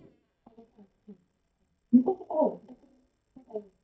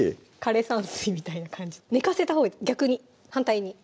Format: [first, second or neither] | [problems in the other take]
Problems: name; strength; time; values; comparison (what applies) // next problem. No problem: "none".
second | noise reduction (neural mask model DeepFilterNet 3)